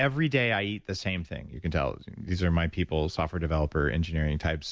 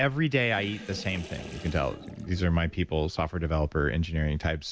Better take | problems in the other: first | background sound (Sink (filling or washing) / Water); 17 dB below the speech

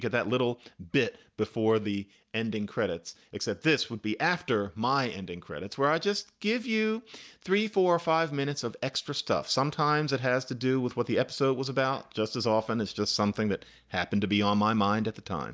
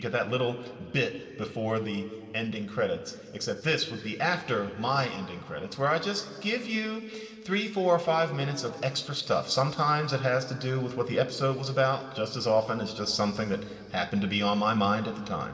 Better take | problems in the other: first | room echo; dies away in 2.3 s

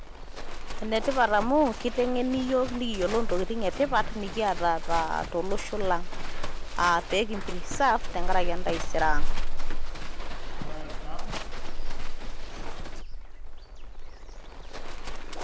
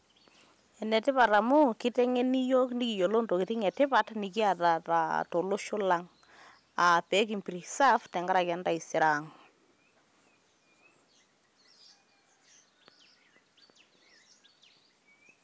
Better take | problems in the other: second | background sound (Livestock, farm animals, working animals); 3 dB above the speech

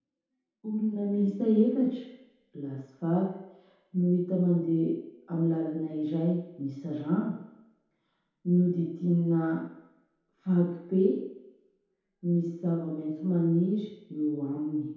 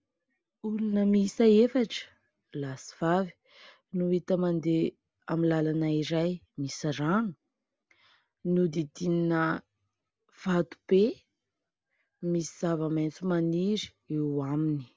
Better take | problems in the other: second | room echo; dies away in 0.8 s

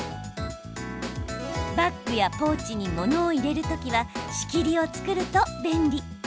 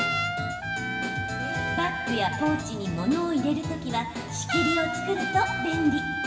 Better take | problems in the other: first | background sound (Trumpet); 4 dB below the speech // room echo; dies away in 2.2 s

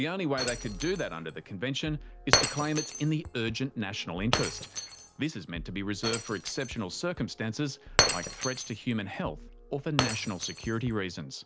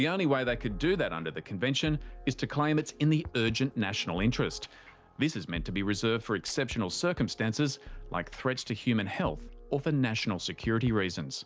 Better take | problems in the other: second | background sound (Shatter); 2 dB below the speech

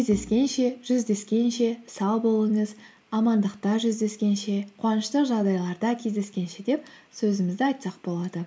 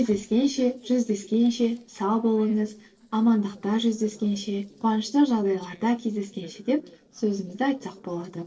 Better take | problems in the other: first | noise reduction (neural separator model SepFormer DNS4)

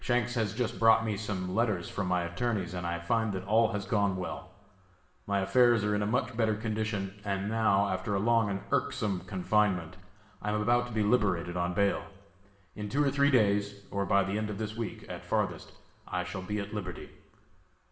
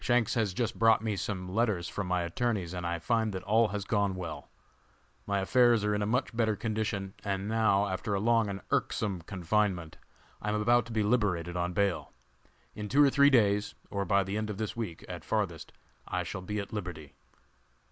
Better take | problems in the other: second | room echo; dies away in 1.1 s

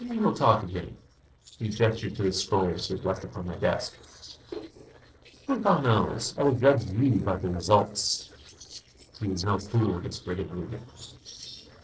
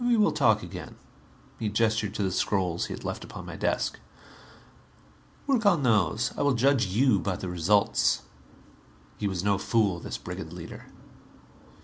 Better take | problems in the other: second | noise reduction (neural separator model SepFormer DNS4)

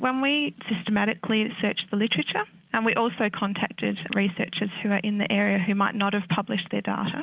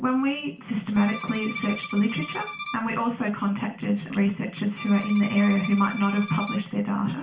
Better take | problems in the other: first | background sound (Bowed string instrument); 12 dB below the speech // room echo; dies away in 0.3 s

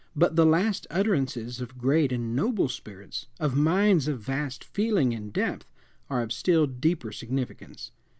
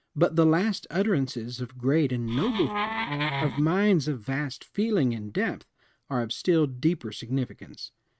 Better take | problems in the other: first | noise reduction (neural mask model RNNoise)

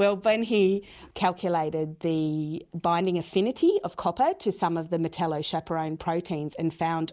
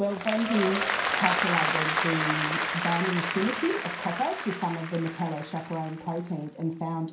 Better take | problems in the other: first | background sound (Applause); 1 dB below the speech // room echo; dies away in 0.5 s

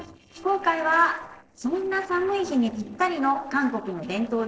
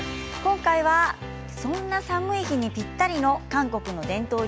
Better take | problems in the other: second | noise reduction (neural separator model SepFormer DNS4)

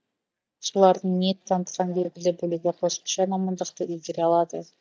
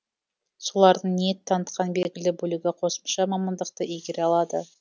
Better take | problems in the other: second | noise reduction (neural mask model DeepFilterNet 3)

